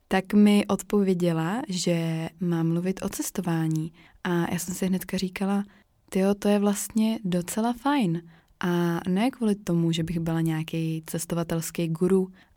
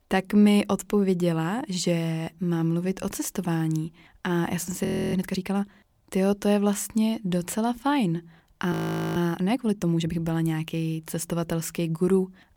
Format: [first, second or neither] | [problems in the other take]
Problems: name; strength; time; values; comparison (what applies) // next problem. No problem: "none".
first | audio freezing; at 5 s and at 8.5 s